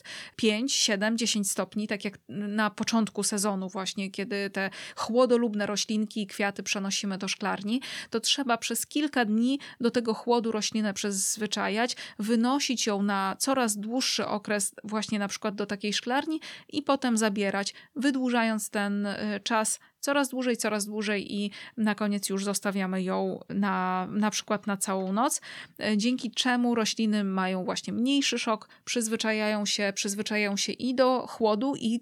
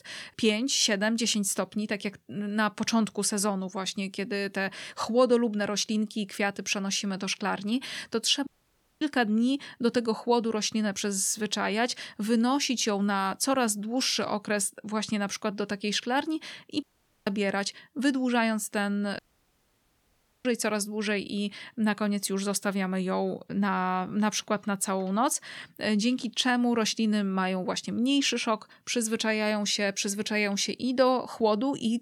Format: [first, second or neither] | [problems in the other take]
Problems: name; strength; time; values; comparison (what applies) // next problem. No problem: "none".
first | audio cutting out; at 8.5 s for 0.5 s, at 17 s and at 19 s for 1.5 s